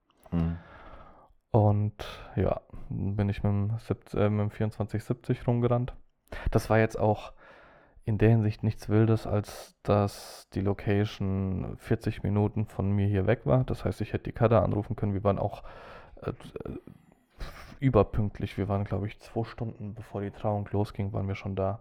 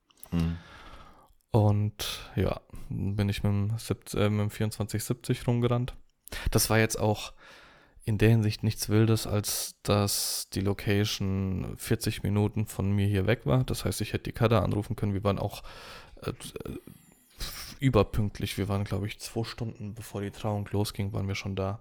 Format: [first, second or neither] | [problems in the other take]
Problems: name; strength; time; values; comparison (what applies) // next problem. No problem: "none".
second | muffled; very; fading above 3 kHz